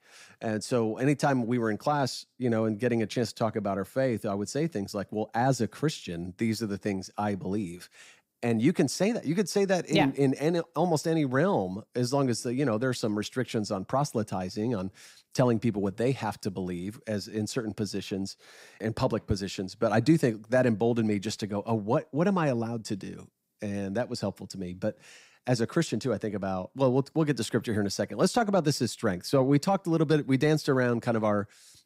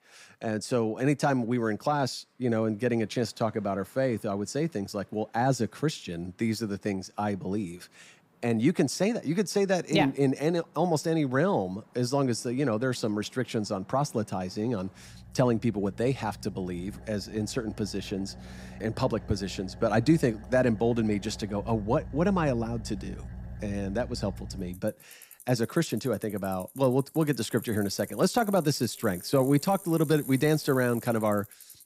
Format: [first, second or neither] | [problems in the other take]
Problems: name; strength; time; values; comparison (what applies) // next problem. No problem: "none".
first | traffic noise; noticeable; throughout; 15 dB below the speech